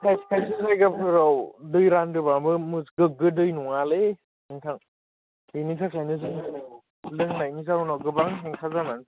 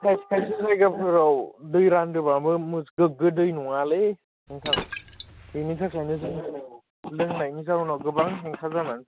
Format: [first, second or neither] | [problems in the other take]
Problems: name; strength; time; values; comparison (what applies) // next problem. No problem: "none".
first | background sound (Liquid); 10 dB below the speech